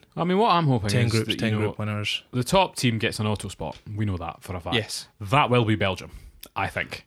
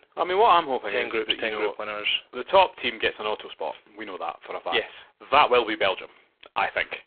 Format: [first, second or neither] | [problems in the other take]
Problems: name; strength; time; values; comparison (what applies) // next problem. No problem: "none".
first | phone-call audio; poor line